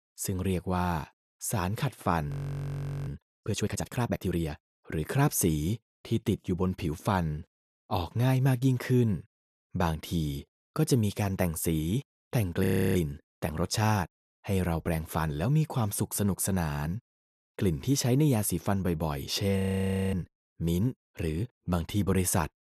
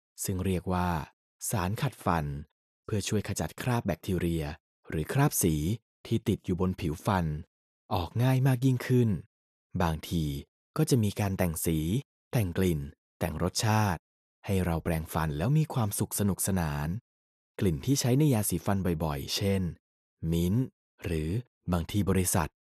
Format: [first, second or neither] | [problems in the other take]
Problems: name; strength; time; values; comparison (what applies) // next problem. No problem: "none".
second | audio freezing; at 2.5 s for 1 s, at 13 s and at 20 s for 0.5 s